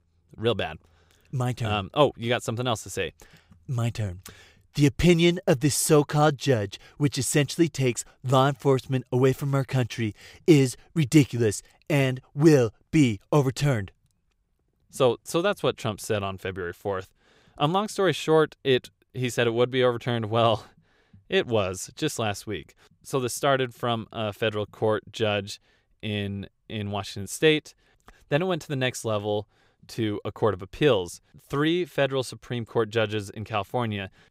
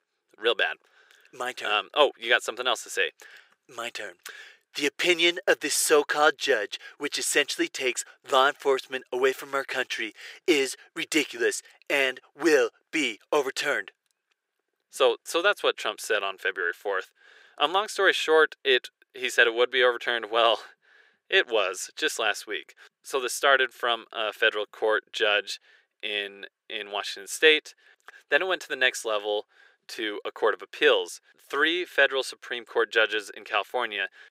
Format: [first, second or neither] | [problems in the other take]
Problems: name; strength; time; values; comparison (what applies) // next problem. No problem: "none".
first | thin; very; fading below 400 Hz